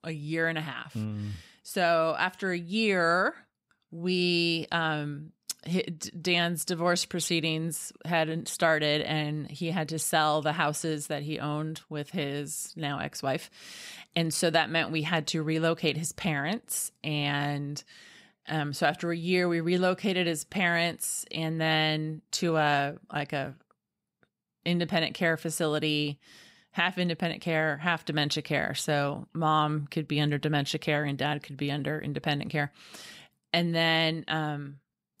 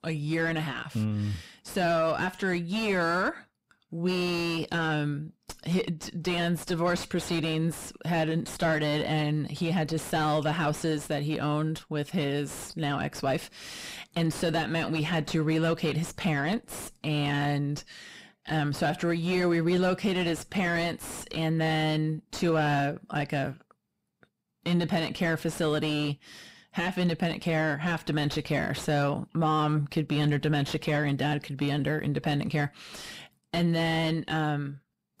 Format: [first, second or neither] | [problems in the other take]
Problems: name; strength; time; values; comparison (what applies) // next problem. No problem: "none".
first | distortion; heavy; 6 dB below the speech